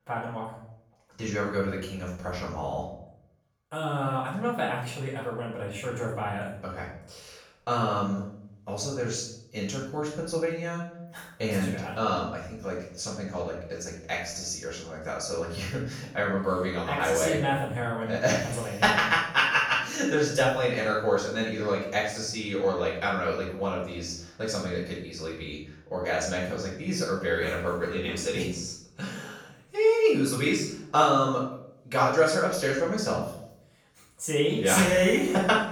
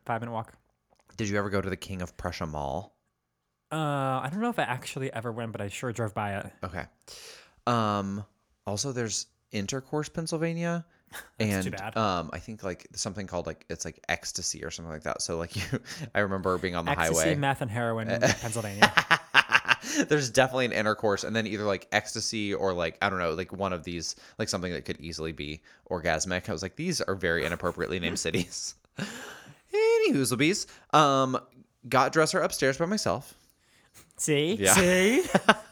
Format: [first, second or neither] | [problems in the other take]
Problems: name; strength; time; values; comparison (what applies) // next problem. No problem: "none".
second | room echo; noticeable; dies away in 0.6 s // off-mic speech; far